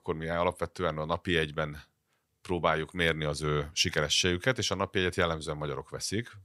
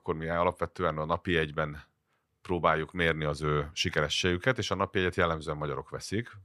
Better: first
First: none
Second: muffled; very slightly; fading above 3.5 kHz

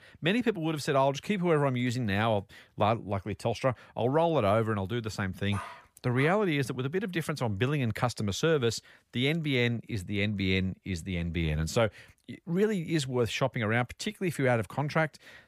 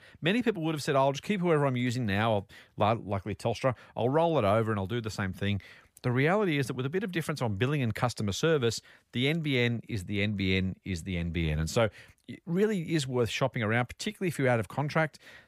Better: second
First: dog barking; faint; at 5.5 s; peak 15 dB below the speech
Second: none

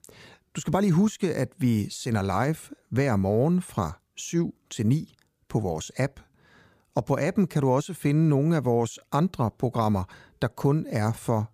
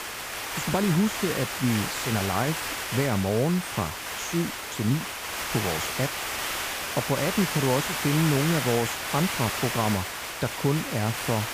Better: first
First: none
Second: hiss; loud; throughout; 2 dB below the speech

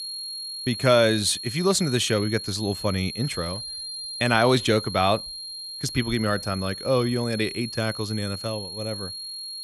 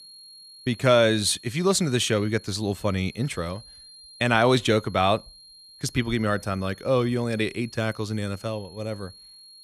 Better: second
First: high-pitched whine; loud; throughout; 4.5 kHz, 8 dB below the speech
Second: high-pitched whine; faint; throughout; 4.5 kHz, 20 dB below the speech

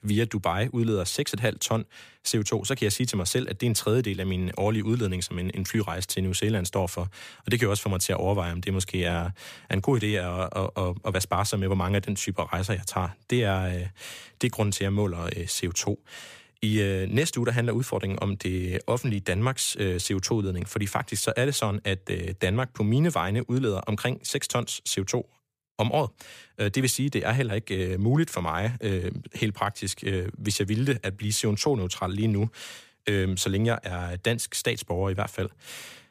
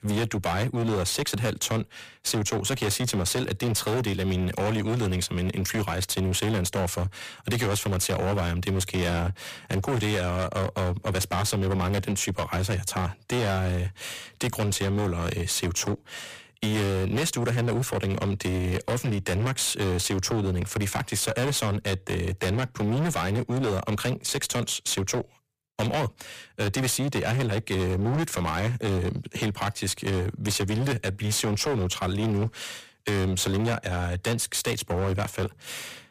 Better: first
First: none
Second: distortion; heavy; 25% of the sound clipped

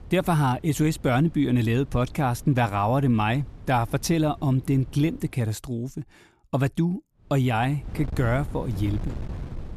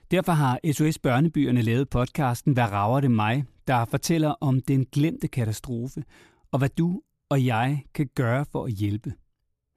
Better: second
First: wind noise on the microphone; occasional gusts; until 5.5 s and from 7.5 s on; 20 dB below the speech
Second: none

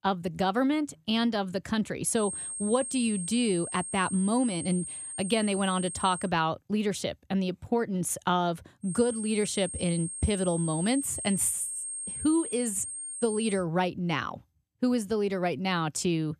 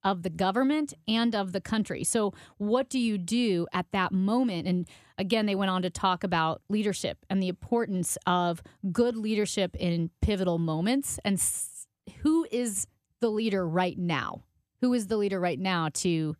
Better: second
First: high-pitched whine; loud; from 2 to 6.5 s and from 9 to 14 s; 8.5 kHz, 6 dB below the speech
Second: none

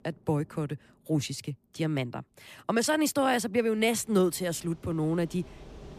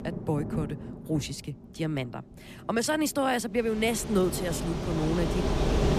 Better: first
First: rain or running water; faint; throughout; 25 dB below the speech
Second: rain or running water; loud; throughout; 4 dB below the speech

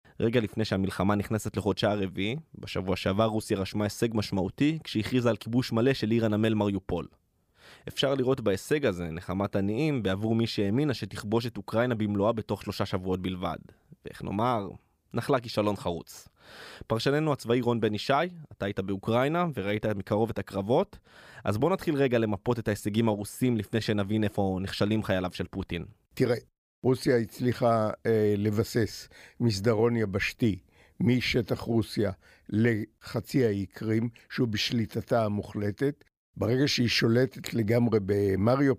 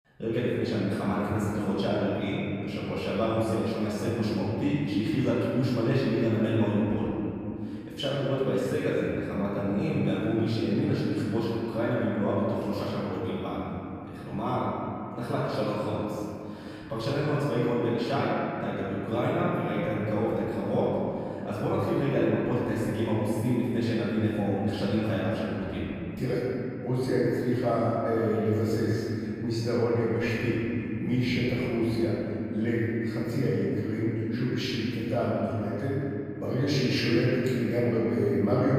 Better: first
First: none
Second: off-mic speech; far // room echo; strong; dies away in 3 s

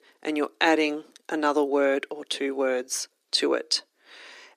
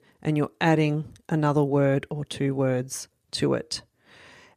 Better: second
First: thin; somewhat; fading below 300 Hz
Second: none

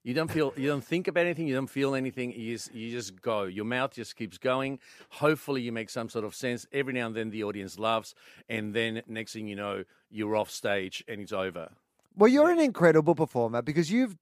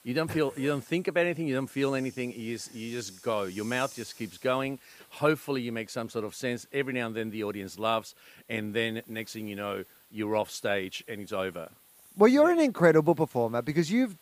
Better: first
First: none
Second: hiss; faint; throughout; 25 dB below the speech

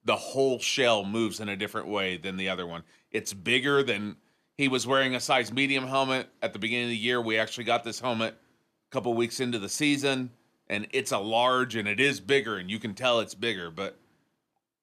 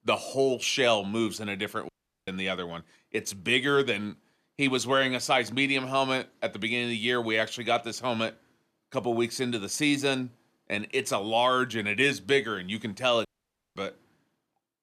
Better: first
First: none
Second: audio cutting out; at 2 s and at 13 s for 0.5 s

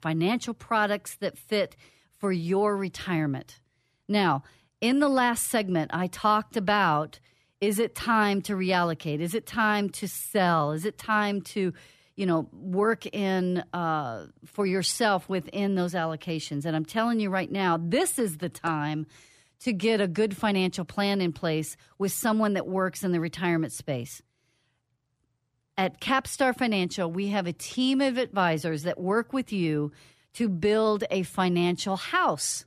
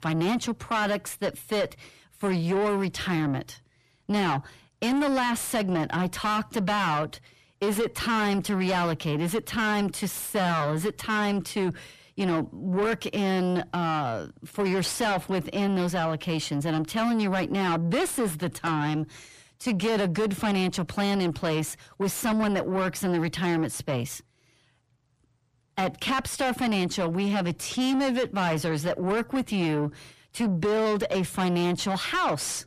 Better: first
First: none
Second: distortion; heavy; 7 dB below the speech

